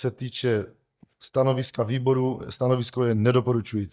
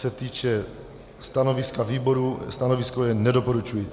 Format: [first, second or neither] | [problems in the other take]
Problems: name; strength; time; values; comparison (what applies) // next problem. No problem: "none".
second | noise reduction (neural mask model DeepFilterNet 3)